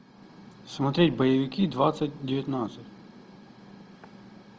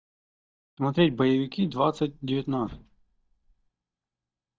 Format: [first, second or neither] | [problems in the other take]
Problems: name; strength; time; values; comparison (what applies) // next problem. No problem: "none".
first | noise reduction (neural mask model DeepFilterNet 3)